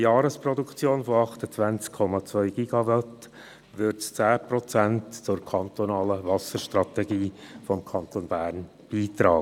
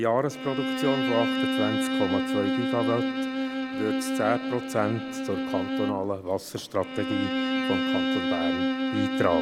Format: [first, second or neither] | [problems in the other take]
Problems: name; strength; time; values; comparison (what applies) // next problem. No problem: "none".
first | background sound (Bowed string instrument); 1 dB above the speech